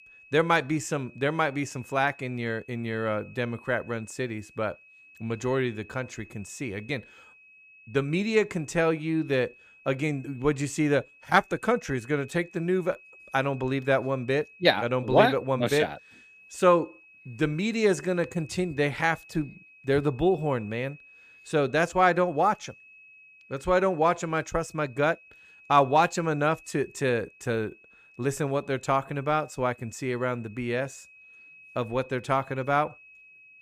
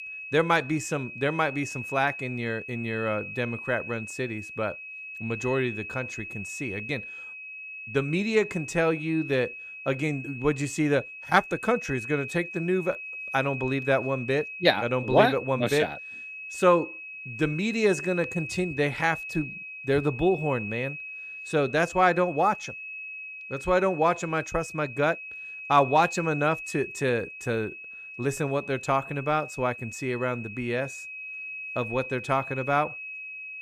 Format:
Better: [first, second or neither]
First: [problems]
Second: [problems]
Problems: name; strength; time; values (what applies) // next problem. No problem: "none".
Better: first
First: high-pitched whine; faint; throughout; 2.5 kHz, 25 dB below the speech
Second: high-pitched whine; loud; throughout; 2.5 kHz, 10 dB below the speech